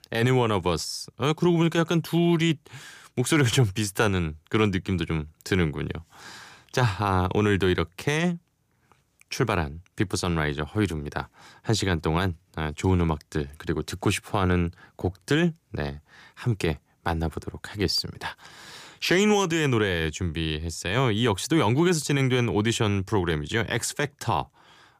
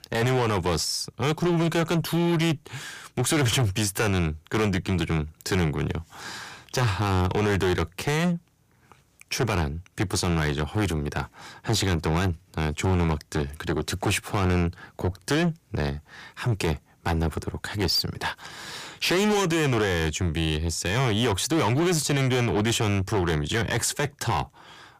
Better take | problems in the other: first | distortion; heavy; 8 dB below the speech

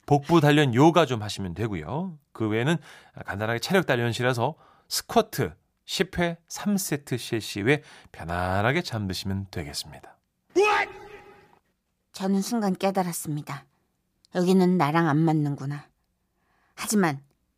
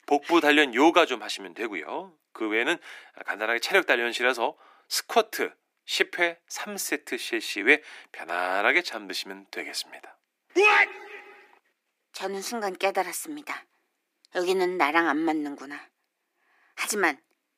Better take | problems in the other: first | thin; somewhat; fading below 300 Hz

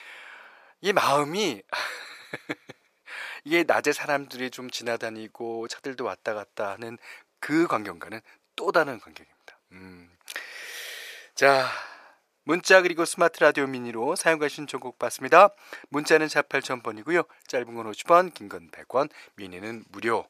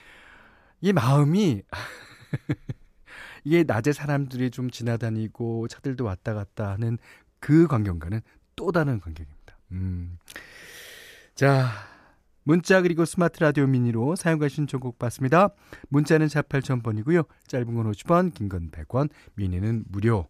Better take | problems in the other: second | thin; very; fading below 600 Hz

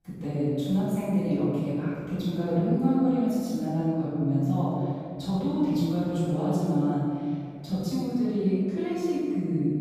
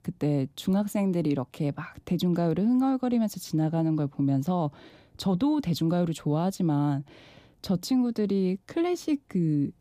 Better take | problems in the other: second | off-mic speech; far // room echo; strong; dies away in 2.1 s

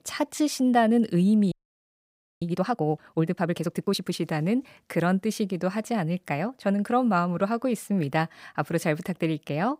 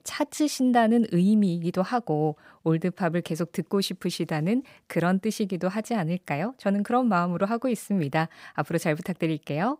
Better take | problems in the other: second | audio freezing; at 1.5 s for 1 s

